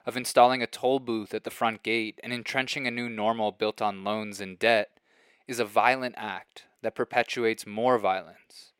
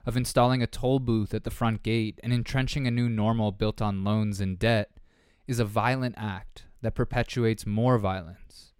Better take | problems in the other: second | thin; somewhat; fading below 400 Hz

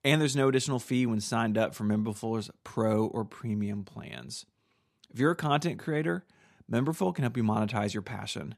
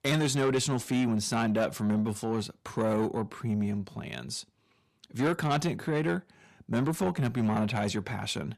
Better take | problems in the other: first | distortion; slight; 10 dB below the speech

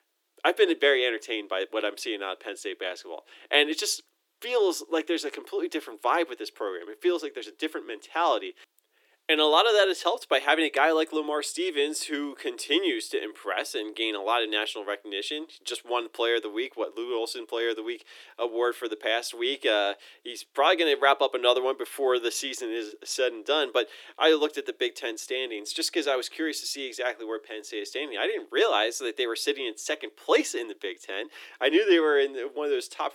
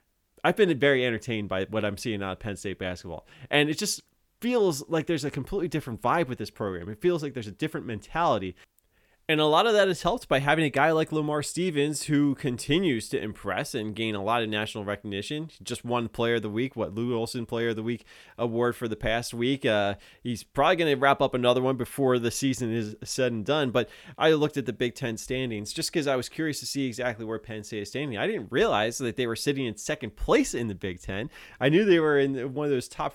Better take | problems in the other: second | thin; very; fading below 300 Hz

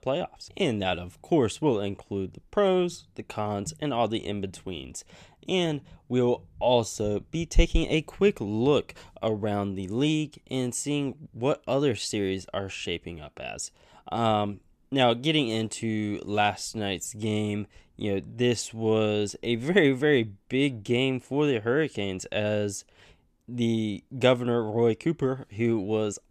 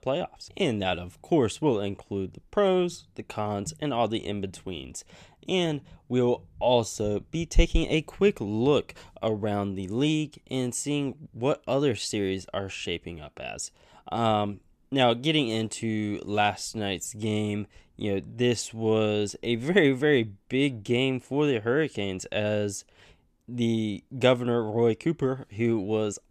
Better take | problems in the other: neither | none

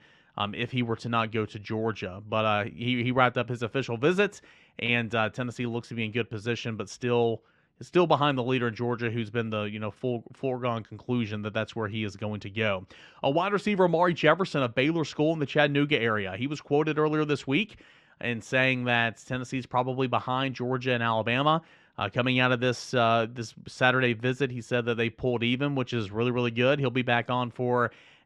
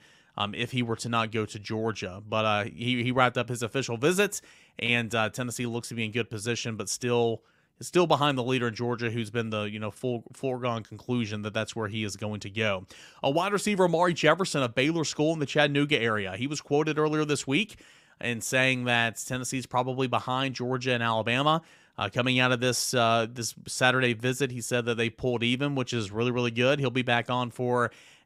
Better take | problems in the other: second | muffled; slightly; fading above 3.5 kHz

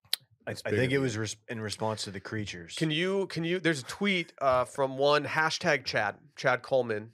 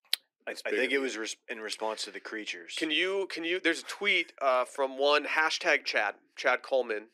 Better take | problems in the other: first | thin; somewhat; fading below 250 Hz

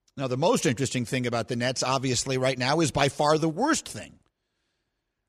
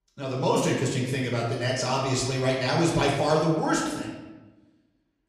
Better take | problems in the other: first | room echo; noticeable; dies away in 1 s // off-mic speech; far

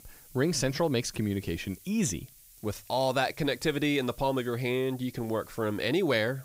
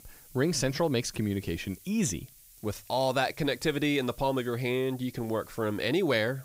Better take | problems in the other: neither | hiss; faint; throughout; 20 dB below the speech; the same in both

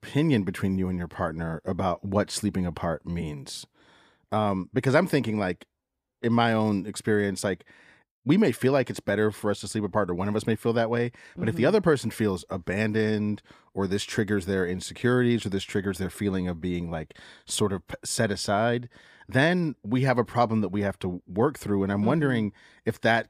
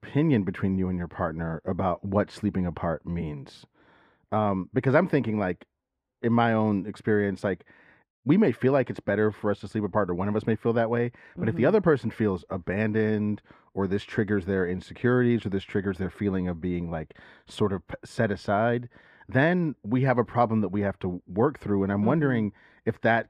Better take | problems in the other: first | muffled; slightly; fading above 4 kHz

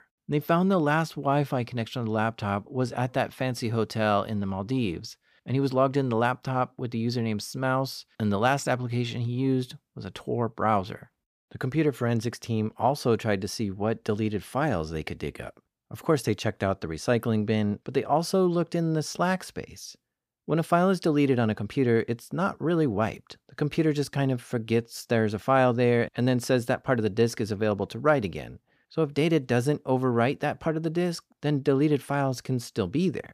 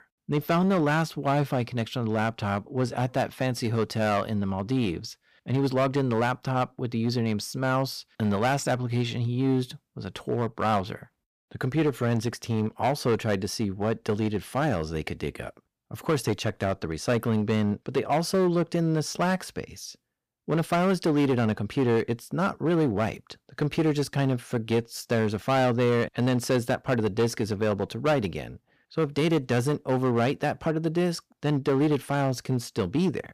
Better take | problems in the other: first | distortion; slight; 7% of the sound clipped

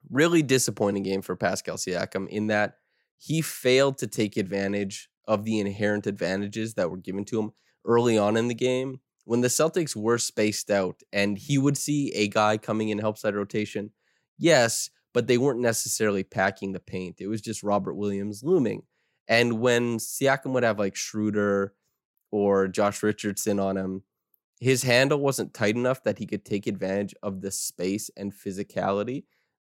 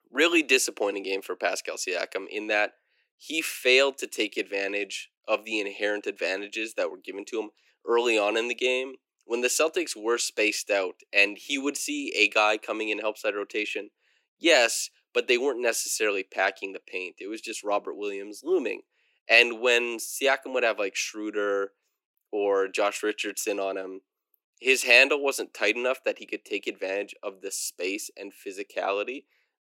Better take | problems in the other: first | thin; somewhat; fading below 300 Hz

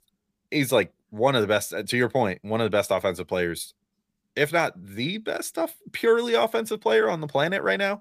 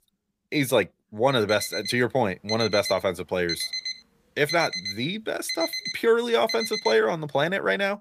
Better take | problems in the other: first | alarm; noticeable; from 1.5 to 7 s; peak 3 dB below the speech

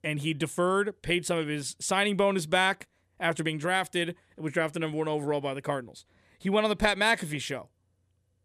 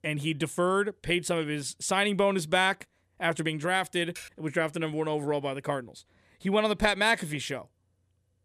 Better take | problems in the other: first | keyboard typing; faint; at 4 s; peak 15 dB below the speech

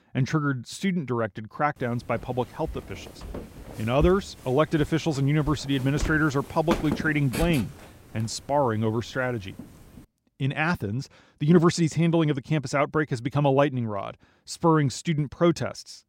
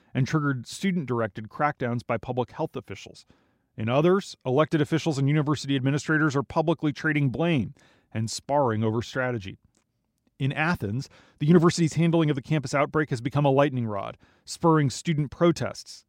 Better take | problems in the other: second | footsteps; noticeable; from 2.5 to 9.5 s; peak 3 dB below the speech

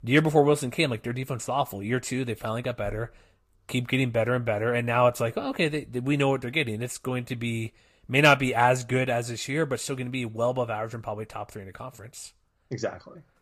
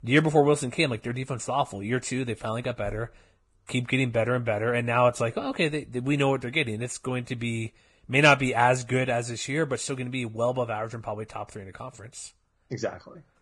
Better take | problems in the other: first | garbled, watery; badly; slightly in the first

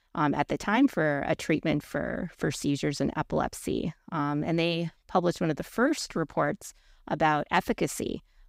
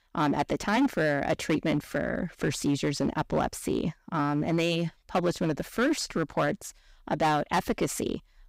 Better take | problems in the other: first | distortion; slight; 7% of the sound clipped

